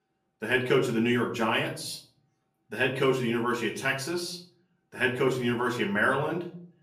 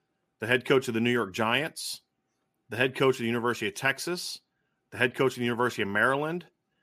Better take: second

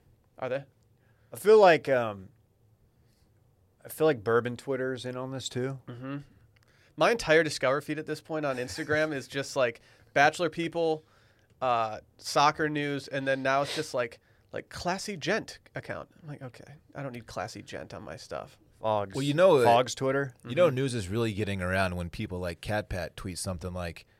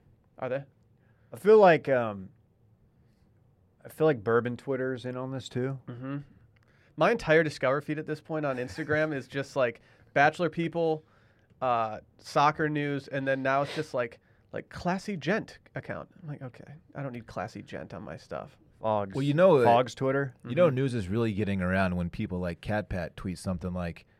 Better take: first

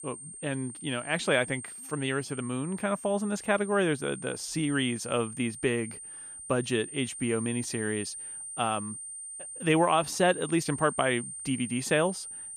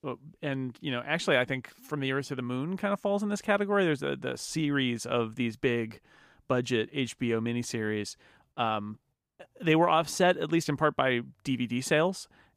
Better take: second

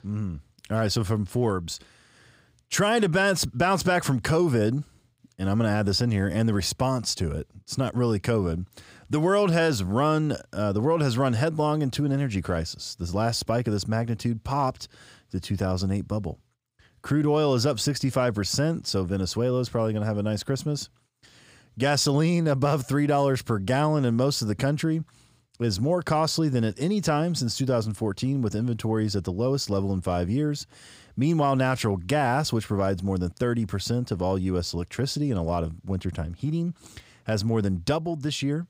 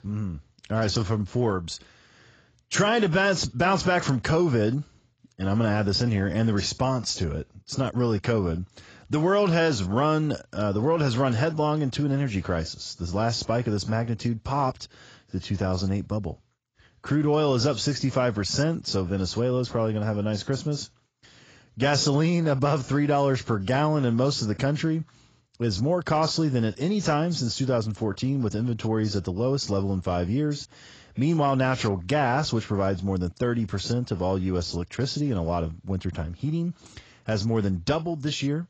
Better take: first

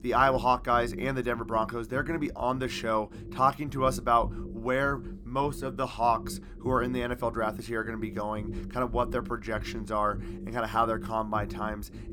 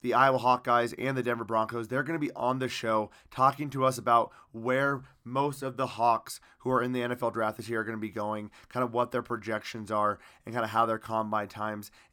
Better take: second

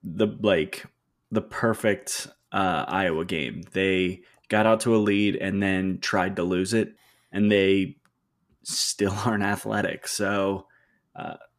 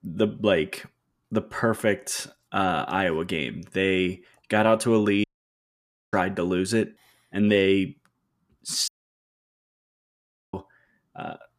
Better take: first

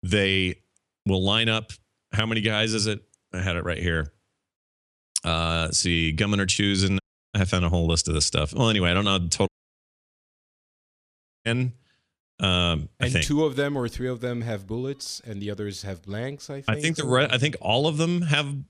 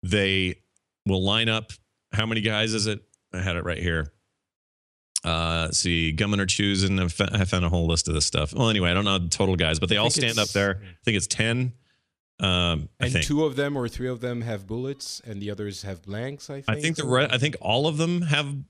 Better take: second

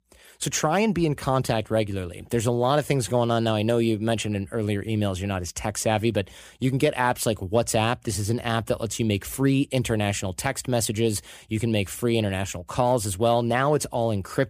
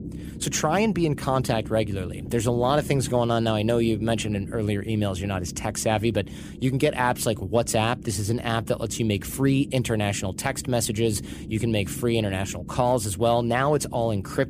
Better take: first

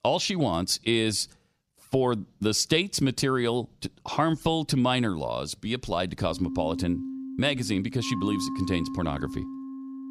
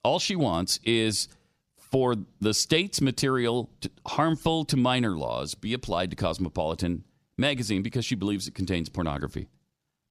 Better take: second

